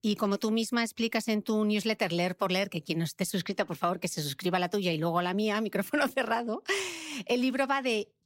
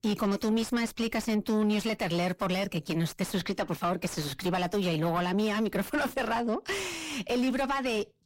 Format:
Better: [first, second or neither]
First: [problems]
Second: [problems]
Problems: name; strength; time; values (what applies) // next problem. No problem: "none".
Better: first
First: none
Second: distortion; heavy; 7 dB below the speech